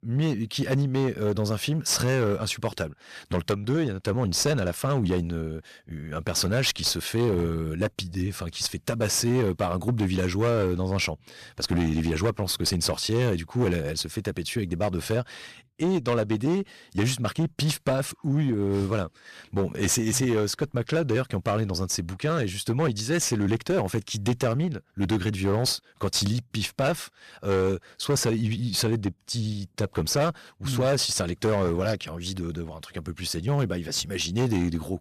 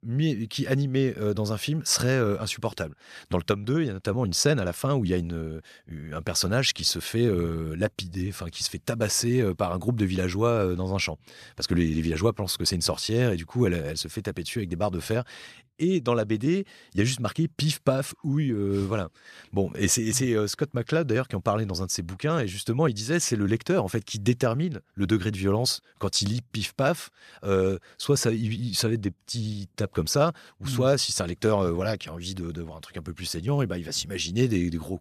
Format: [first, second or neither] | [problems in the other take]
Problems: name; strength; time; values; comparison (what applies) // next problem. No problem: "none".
second | distortion; slight; 10% of the sound clipped